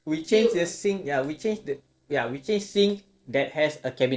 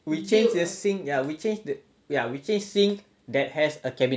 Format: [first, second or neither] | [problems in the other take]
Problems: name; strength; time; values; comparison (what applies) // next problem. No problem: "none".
second | noise reduction (neural separator model SepFormer DNS4)